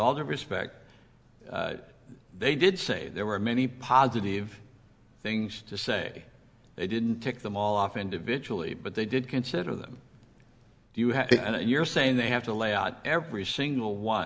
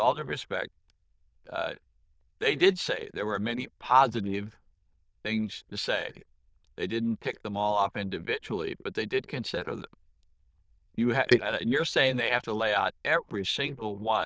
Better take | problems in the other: first | noise reduction (neural diffusion model UNIVERSE++)

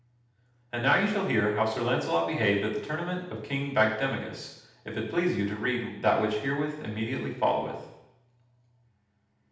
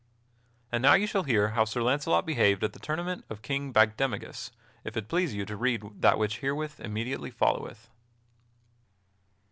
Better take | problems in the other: second | room echo; dies away in 0.8 s

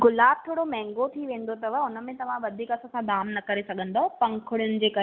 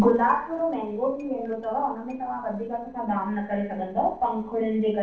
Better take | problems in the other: first | noise reduction (neural separator model SepFormer DNS4)

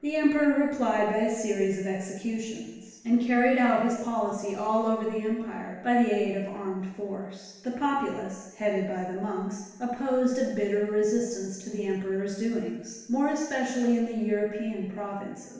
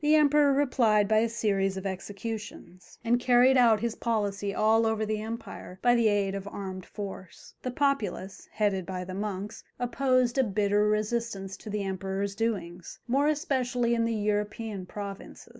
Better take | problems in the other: second | room echo; dies away in 1 s

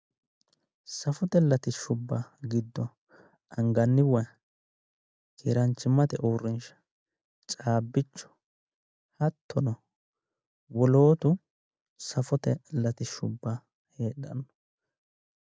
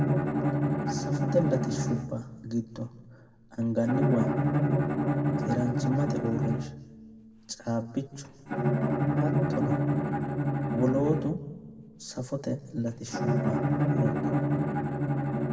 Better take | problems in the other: first | background sound (Bowed string instrument); 4 dB above the speech // room echo; dies away in 0.9 s

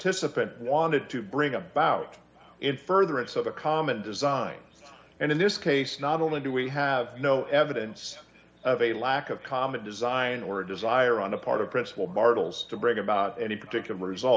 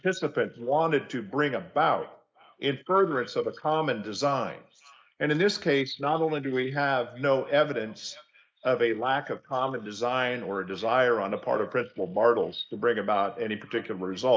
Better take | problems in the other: first | noise reduction (neural mask model Resemble Enhance denoiser)

